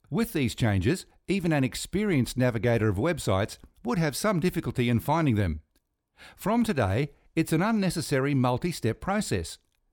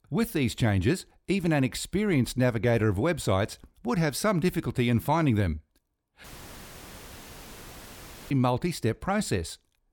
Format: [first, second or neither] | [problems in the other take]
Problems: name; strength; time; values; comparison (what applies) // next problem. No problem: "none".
first | audio cutting out; filled with static; at 6 s for 2 s